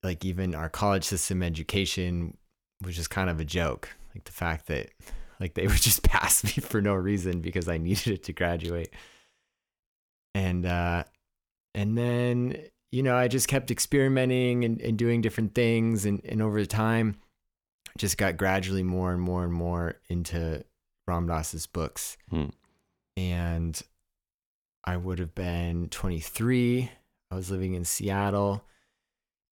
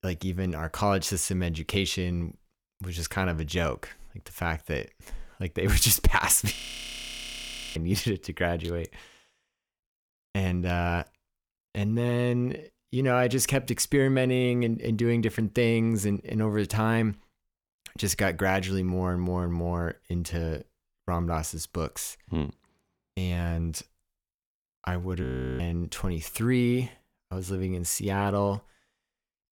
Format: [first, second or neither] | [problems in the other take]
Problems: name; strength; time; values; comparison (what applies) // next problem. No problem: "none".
first | audio freezing; at 6.5 s for 1 s and at 25 s